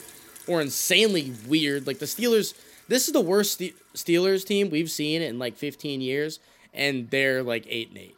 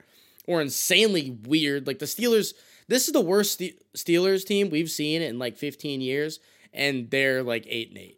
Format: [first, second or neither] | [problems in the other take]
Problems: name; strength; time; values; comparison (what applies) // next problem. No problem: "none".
second | household noises; faint; throughout; 25 dB below the speech